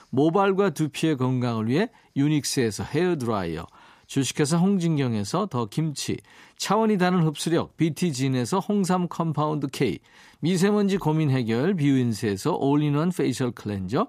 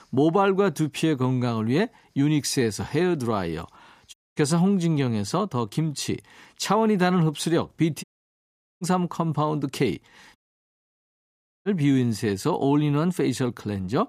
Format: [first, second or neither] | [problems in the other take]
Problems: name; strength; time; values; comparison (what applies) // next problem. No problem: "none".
first | audio cutting out; at 4 s, at 8 s for 1 s and at 10 s for 1.5 s